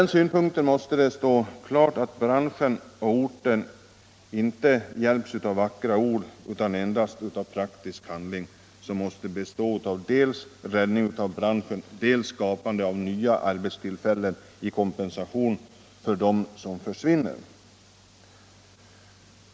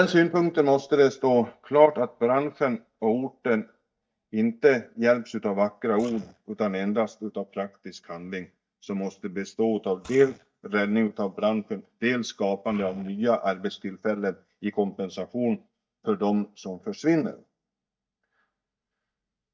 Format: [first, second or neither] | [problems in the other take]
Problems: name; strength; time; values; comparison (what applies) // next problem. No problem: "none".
first | noise reduction (neural mask model DeepFilterNet 3)